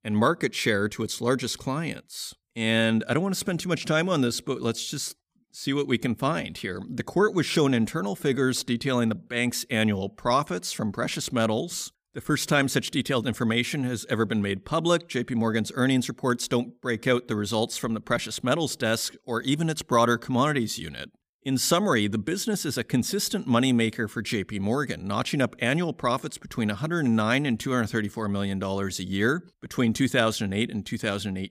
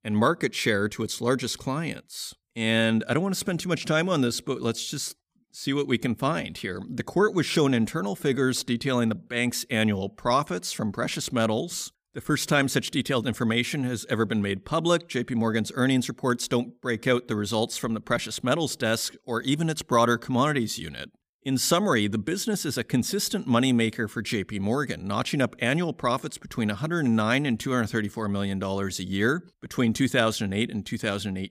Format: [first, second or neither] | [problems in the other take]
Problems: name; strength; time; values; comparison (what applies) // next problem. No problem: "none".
neither | none